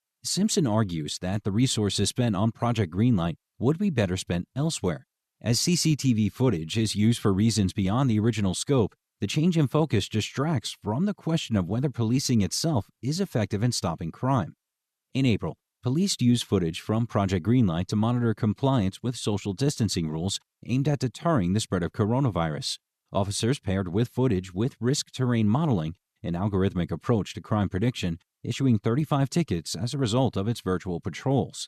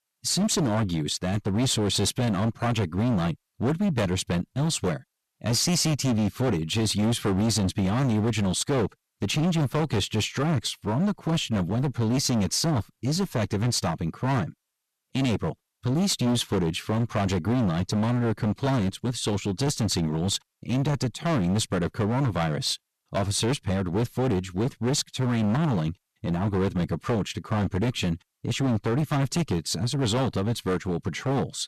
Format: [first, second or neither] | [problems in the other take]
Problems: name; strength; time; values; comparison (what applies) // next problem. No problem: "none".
first | distortion; heavy; 19% of the sound clipped